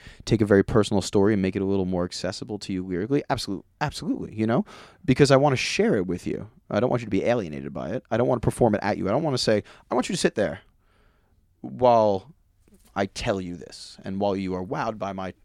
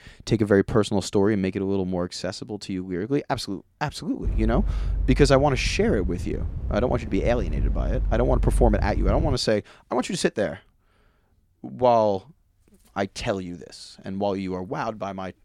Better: first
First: none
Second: wind noise on the microphone; occasional gusts; from 4.5 to 9.5 s; 20 dB below the speech

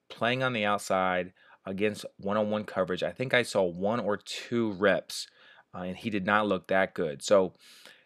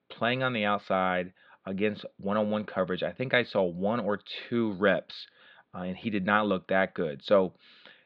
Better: first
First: none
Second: muffled; slightly; fading above 4 kHz

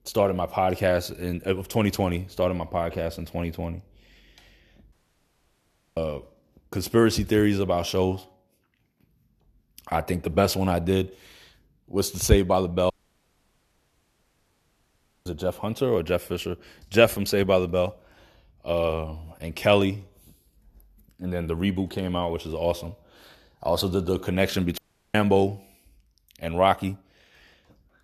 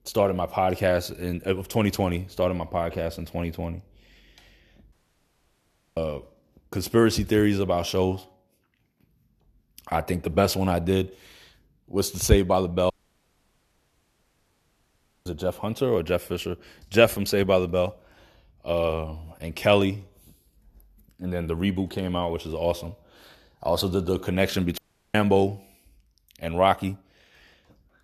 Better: neither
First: audio cutting out; at 5 s for 1 s, at 13 s for 2.5 s and at 25 s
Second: audio cutting out; at 5 s for 1 s, at 13 s for 2.5 s and at 25 s

